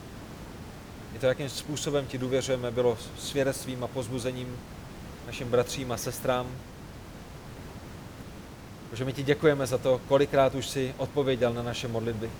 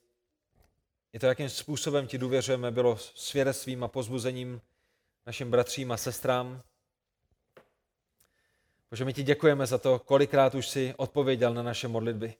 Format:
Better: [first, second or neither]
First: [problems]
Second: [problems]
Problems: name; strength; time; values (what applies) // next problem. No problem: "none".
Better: second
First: hiss; noticeable; throughout; 15 dB below the speech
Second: none